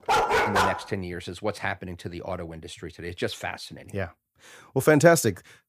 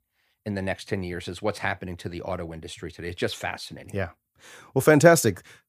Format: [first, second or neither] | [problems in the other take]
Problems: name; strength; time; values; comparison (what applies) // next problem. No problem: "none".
second | dog barking; loud; at the start; peak 5 dB above the speech